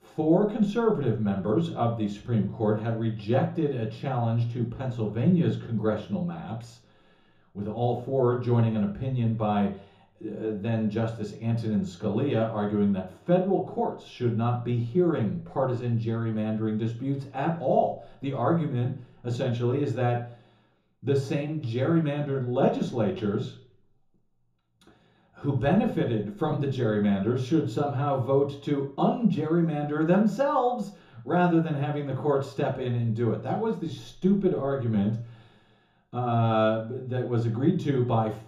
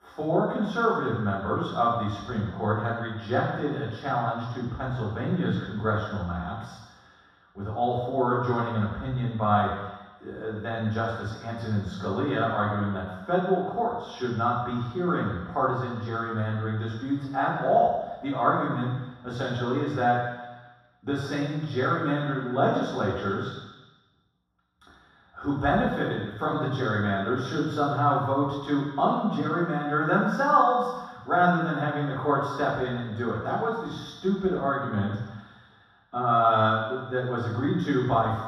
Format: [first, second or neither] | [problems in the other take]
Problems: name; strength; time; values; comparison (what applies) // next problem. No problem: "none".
first | room echo; strong; dies away in 1.2 s; slight in the first // off-mic speech; far; far in the first